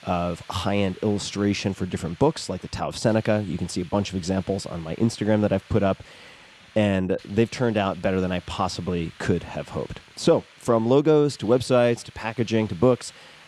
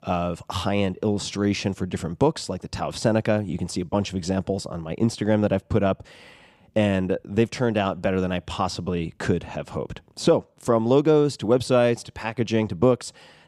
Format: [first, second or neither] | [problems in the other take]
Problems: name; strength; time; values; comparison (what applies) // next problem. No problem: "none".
second | hiss; faint; throughout; 25 dB below the speech